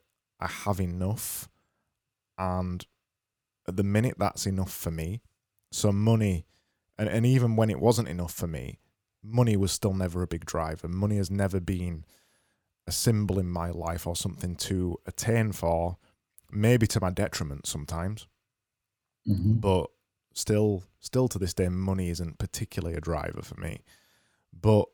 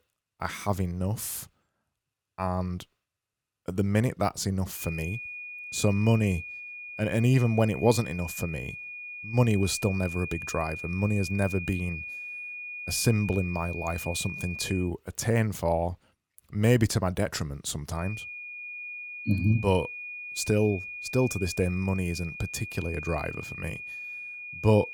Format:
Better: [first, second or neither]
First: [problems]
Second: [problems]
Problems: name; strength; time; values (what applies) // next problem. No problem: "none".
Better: first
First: none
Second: high-pitched whine; loud; from 5 to 15 s and from 18 s on; 2.5 kHz, 8 dB below the speech